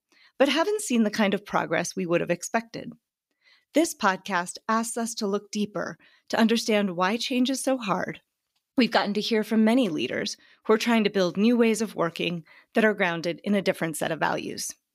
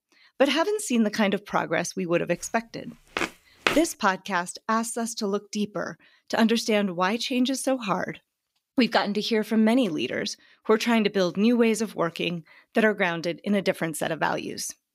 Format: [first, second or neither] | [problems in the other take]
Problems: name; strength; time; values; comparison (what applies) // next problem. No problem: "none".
first | footsteps; noticeable; at 3 s; peak 1 dB below the speech